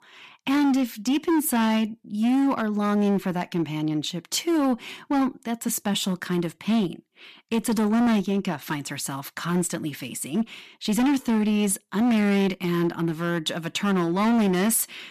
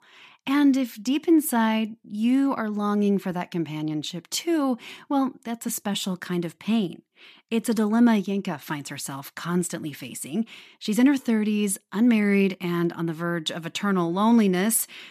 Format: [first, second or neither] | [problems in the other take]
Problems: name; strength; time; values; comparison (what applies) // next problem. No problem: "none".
second | distortion; slight; 14% of the sound clipped